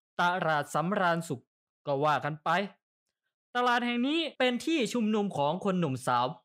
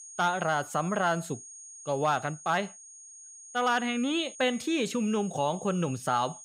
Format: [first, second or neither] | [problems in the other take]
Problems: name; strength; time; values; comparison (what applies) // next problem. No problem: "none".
first | high-pitched whine; noticeable; throughout; 6.5 kHz, 15 dB below the speech